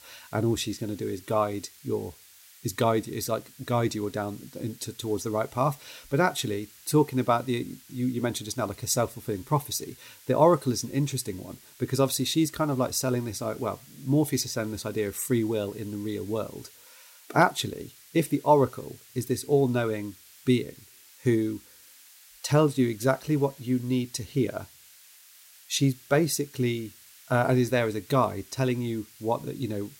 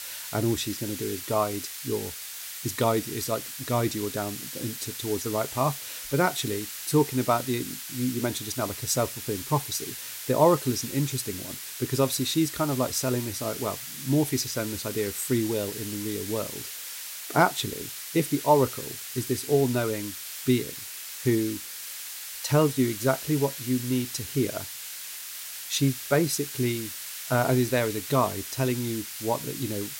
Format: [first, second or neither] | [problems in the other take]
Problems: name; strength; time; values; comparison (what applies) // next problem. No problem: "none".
first | hiss; loud; throughout; 7 dB below the speech; faint in the first